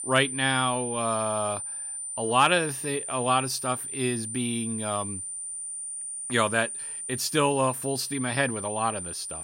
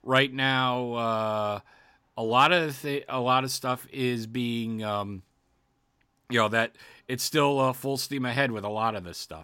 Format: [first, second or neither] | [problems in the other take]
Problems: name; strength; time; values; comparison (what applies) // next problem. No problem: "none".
second | high-pitched whine; loud; throughout; 9 kHz, 5 dB below the speech